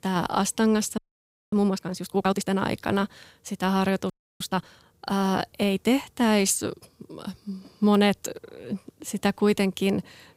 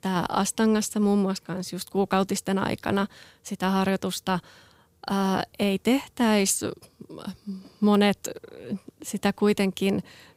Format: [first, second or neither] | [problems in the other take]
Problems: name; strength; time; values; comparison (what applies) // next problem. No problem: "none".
second | audio freezing; at 1 s for 0.5 s and at 4 s